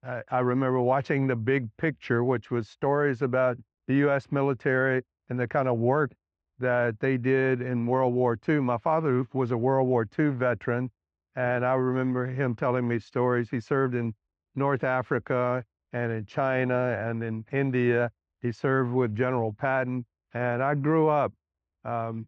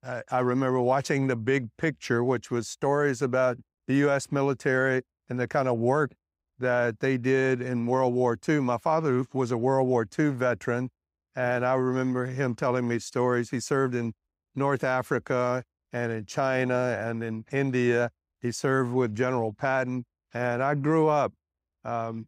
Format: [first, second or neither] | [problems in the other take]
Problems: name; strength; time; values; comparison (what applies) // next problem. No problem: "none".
second | muffled; very; fading above 3 kHz